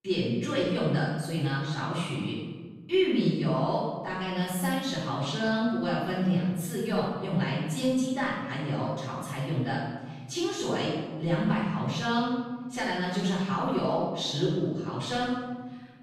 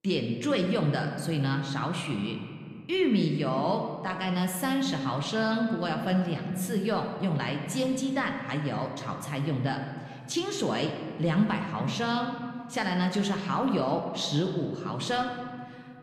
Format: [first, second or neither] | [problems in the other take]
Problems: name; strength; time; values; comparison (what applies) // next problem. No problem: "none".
second | room echo; strong; dies away in 1.2 s; slight in the second // off-mic speech; far